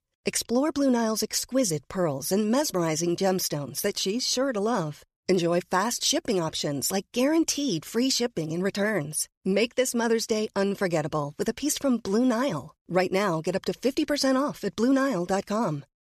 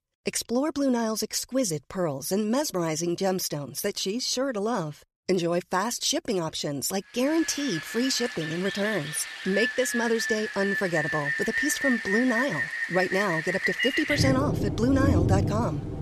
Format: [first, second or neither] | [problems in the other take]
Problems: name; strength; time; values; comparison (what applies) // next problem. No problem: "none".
first | rain or running water; loud; from 7.5 s on; 1 dB below the speech